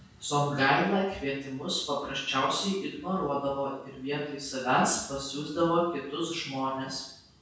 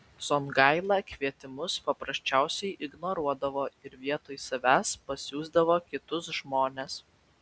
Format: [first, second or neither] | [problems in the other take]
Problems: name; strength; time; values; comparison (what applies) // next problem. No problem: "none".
second | room echo; dies away in 0.6 s